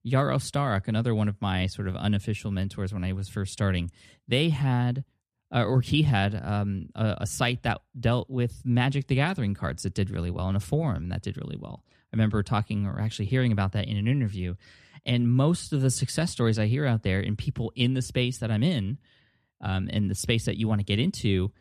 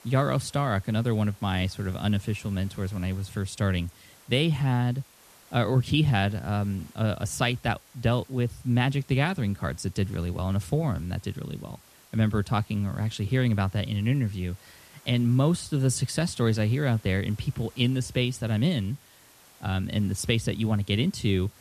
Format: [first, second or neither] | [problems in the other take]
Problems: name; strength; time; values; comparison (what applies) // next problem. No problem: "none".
first | hiss; faint; throughout; 25 dB below the speech